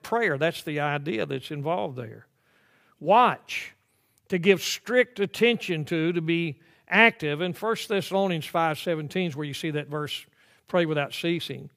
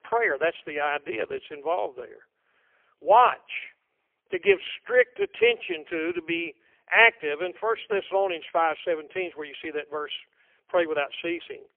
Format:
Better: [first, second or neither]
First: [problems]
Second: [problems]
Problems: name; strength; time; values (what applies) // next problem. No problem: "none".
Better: first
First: none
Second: phone-call audio; poor line; nothing above 3 kHz